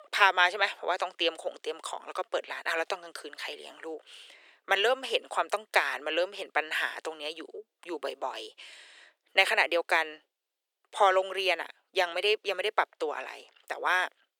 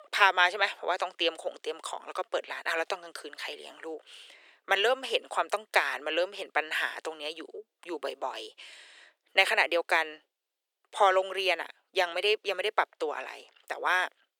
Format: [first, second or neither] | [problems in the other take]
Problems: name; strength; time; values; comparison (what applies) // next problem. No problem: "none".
neither | thin; very; fading below 400 Hz; the same in both